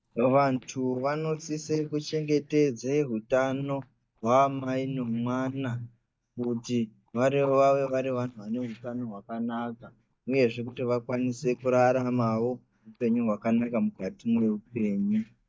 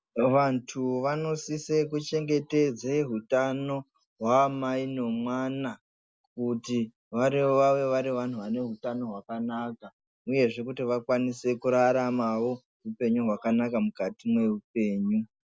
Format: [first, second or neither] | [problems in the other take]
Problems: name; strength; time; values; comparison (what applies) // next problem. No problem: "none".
second | noise reduction (neural mask model DeepFilterNet 3)